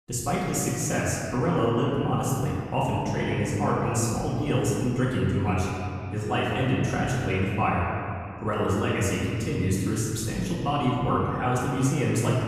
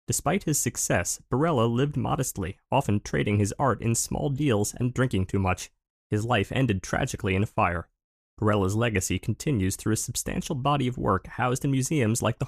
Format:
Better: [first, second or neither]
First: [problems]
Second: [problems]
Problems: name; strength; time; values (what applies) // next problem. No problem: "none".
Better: second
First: off-mic speech; far // room echo; noticeable; dies away in 2.2 s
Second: none